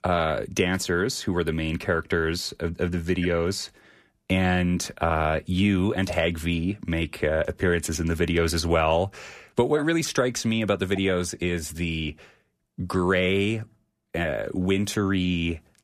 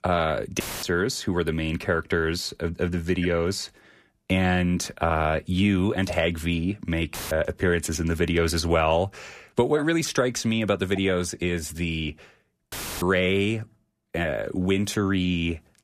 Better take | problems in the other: first | audio cutting out; filled with static; at 0.5 s, at 7 s and at 13 s

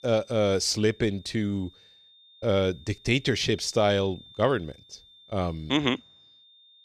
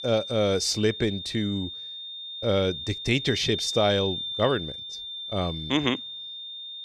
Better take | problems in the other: first | high-pitched whine; loud; throughout; 3.5 kHz, 7 dB below the speech; faint in the first

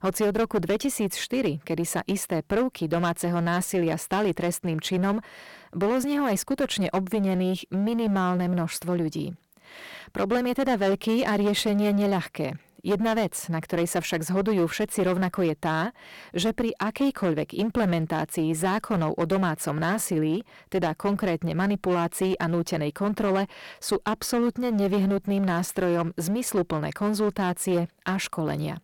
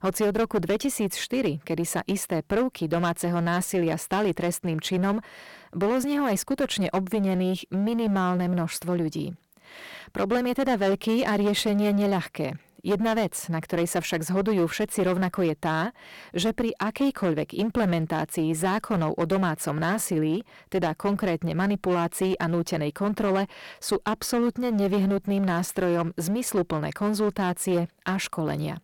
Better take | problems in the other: neither | distortion; slight; 14% of the sound clipped; the same in both

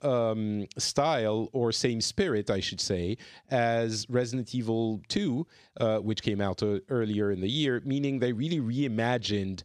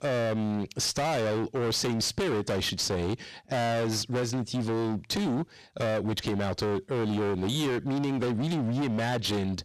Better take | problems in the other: first | distortion; heavy; 38% of the sound clipped

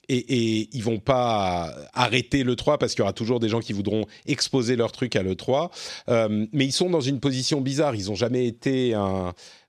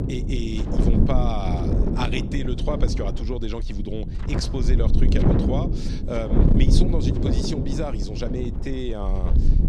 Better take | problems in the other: first | wind noise on the microphone; heavy; 1 dB below the speech

